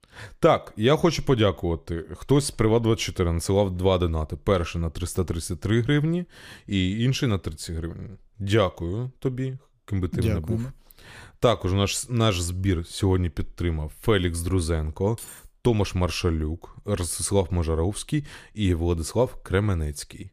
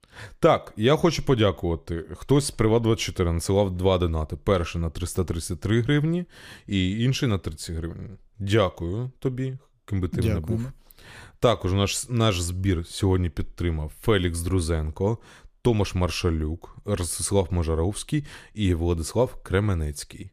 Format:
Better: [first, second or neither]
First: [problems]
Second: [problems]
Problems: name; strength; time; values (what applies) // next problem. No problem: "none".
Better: second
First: jangling keys; faint; at 15 s; peak 15 dB below the speech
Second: none